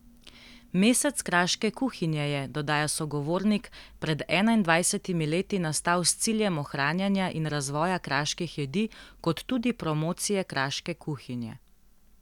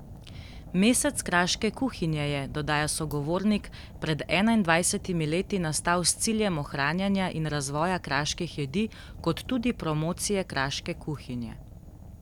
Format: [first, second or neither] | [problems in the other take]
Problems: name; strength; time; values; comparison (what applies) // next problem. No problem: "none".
first | background sound (Fire); 16 dB below the speech